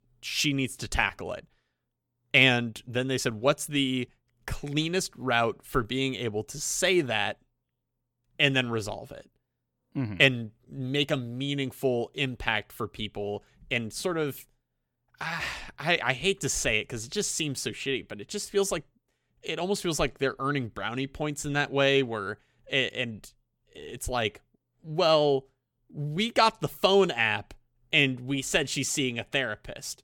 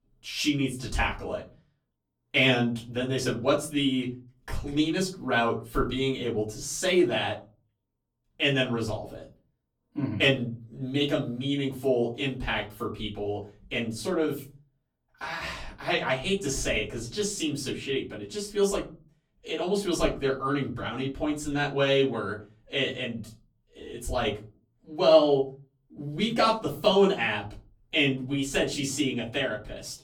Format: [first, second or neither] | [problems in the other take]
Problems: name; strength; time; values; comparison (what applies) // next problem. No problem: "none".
first | off-mic speech; far // room echo; very slight; dies away in 0.4 s